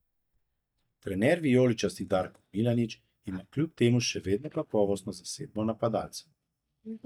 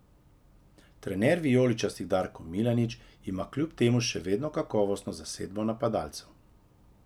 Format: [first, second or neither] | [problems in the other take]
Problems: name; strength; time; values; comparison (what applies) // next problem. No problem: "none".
second | noise reduction (neural mask model DeepFilterNet 3)